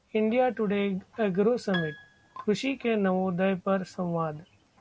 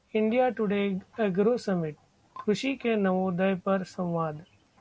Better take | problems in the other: second | background sound (Piano); 15 dB below the speech

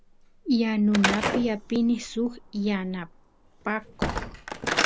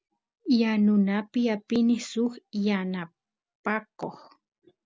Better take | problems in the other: second | background sound (Slam / Wood); 5 dB below the speech

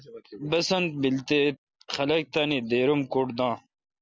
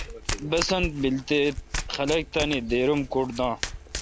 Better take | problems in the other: first | background sound (Domestic sounds, home sounds); 8 dB below the speech

